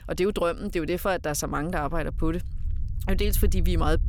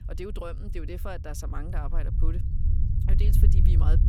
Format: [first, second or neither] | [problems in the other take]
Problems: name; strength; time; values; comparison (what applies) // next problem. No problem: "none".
first | low rumble; loud; throughout; 2 dB below the speech; faint in the first